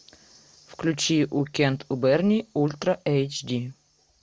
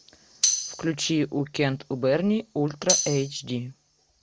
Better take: first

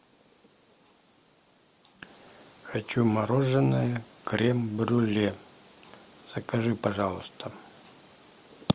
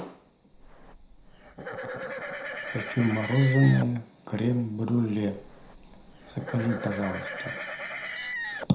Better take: first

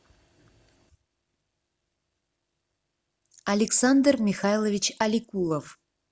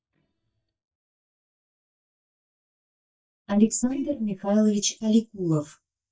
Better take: first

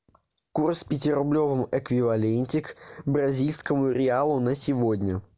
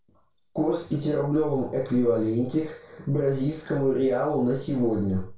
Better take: first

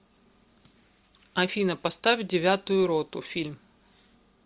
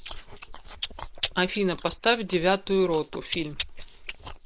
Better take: first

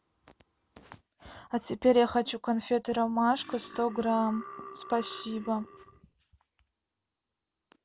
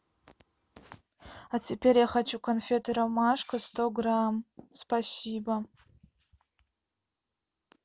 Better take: second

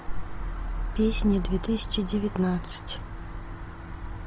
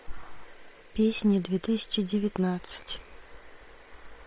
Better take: first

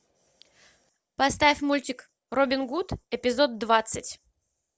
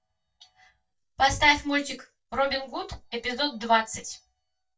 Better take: first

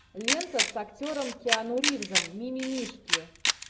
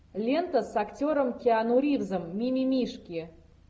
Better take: second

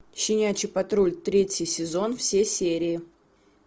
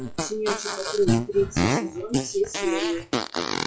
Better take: first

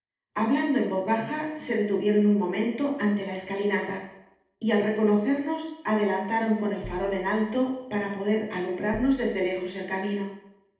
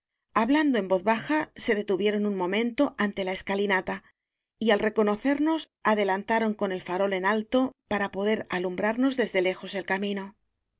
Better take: second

